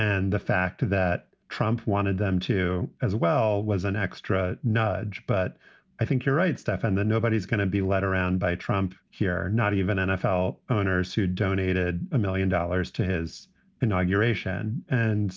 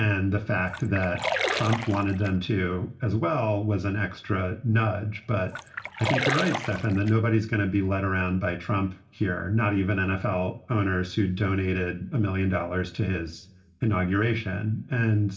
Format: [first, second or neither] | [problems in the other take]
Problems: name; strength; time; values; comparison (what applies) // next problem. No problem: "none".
first | background sound (Splash, splatter); 6 dB below the speech // room echo; dies away in 0.4 s